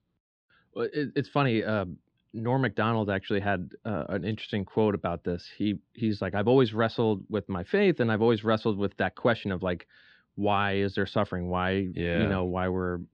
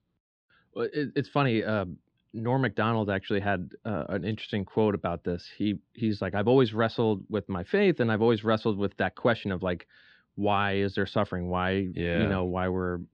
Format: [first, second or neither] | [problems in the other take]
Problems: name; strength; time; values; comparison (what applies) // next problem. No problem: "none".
neither | muffled; slightly; fading above 3.5 kHz; the same in both